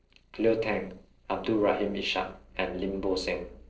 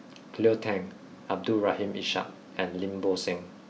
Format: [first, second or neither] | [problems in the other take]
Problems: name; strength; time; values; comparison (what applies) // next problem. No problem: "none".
second | noise reduction (neural separator model SepFormer DNS4)